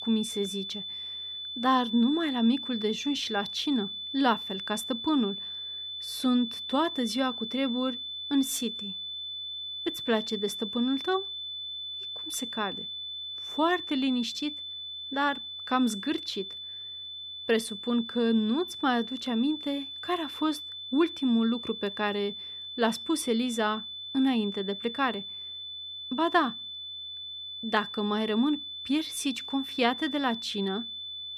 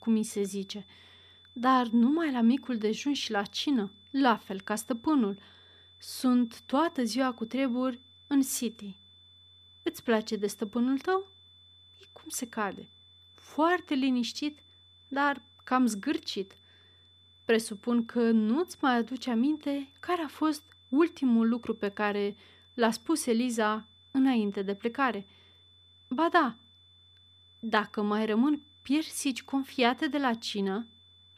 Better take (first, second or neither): second